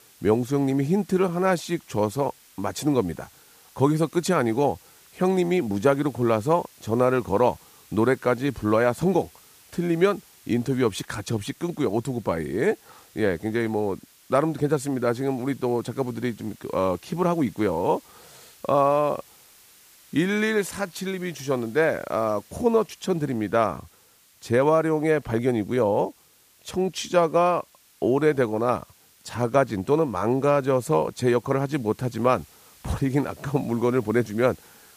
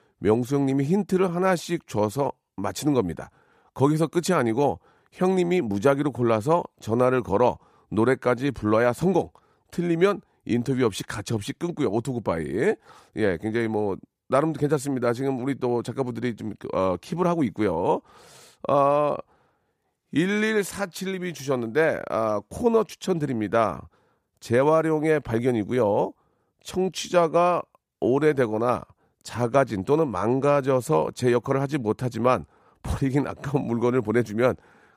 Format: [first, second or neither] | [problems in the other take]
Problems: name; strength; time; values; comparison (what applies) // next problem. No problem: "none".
second | hiss; faint; throughout; 25 dB below the speech